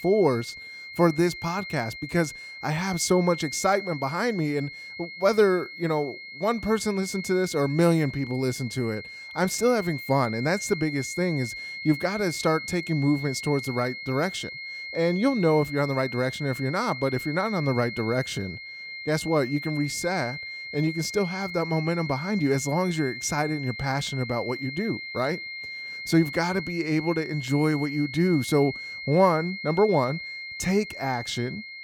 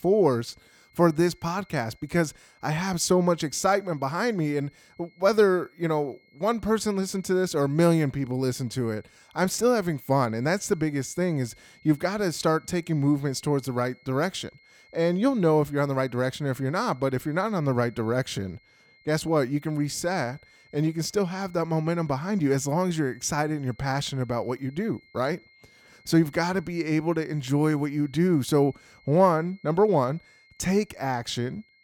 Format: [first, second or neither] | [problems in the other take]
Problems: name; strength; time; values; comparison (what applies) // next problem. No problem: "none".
second | high-pitched whine; loud; throughout; 2 kHz, 9 dB below the speech; faint in the second